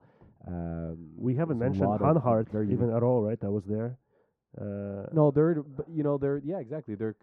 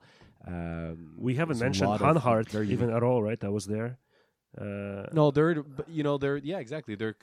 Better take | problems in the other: second | muffled; very; fading above 2 kHz

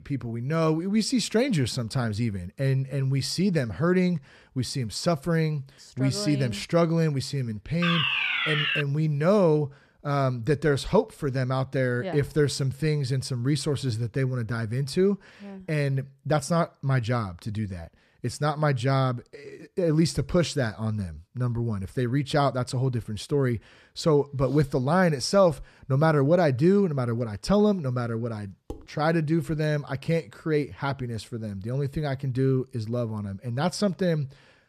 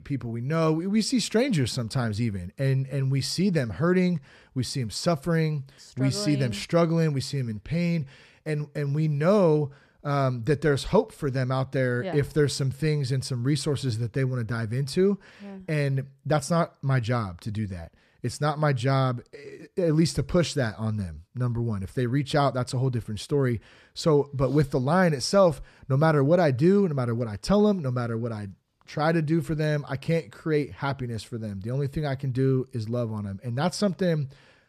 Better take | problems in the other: second | alarm; loud; at 8 s; peak 3 dB above the speech // clattering dishes; faint; at 29 s; peak 20 dB below the speech

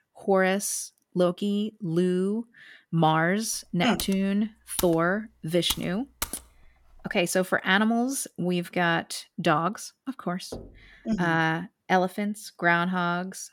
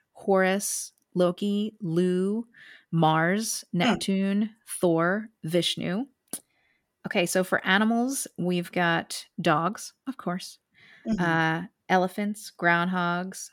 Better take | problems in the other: second | keyboard typing; noticeable; from 4 to 6.5 s; peak 8 dB below the speech // door banging; faint; at 11 s; peak 15 dB below the speech

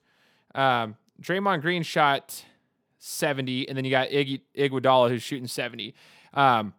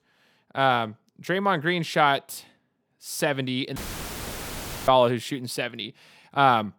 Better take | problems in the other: first | audio cutting out; filled with static; at 4 s for 1 s

